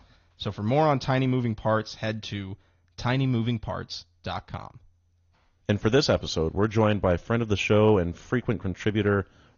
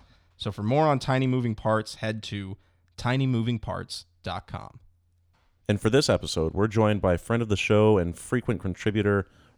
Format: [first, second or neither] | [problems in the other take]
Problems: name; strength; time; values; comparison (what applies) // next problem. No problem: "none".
second | garbled, watery; slightly; nothing above 6.5 kHz